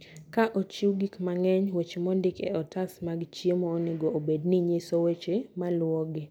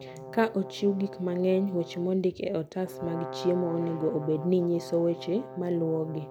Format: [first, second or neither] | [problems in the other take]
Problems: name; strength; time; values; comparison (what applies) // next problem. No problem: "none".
first | background sound (Brass instrument); 13 dB below the speech